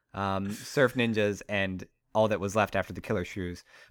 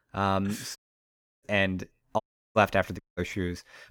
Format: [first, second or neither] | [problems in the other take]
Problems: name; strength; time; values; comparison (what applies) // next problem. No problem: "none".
first | audio cutting out; at 1 s for 0.5 s, at 2 s and at 3 s